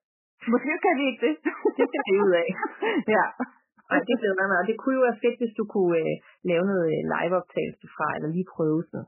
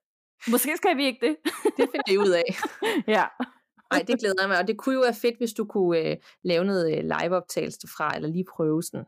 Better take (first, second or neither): second